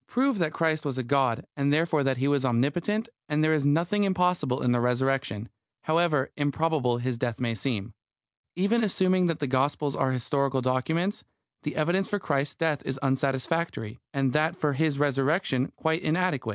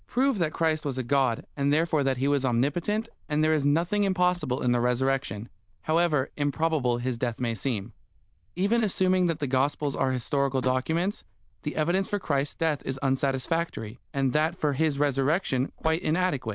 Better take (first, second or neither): first